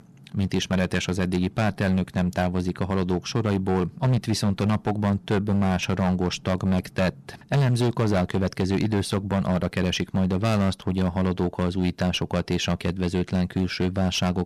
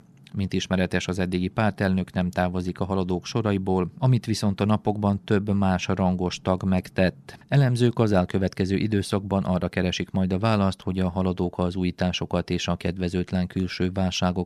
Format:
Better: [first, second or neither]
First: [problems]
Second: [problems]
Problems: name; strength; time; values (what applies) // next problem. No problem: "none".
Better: second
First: distortion; slight; 16% of the sound clipped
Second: none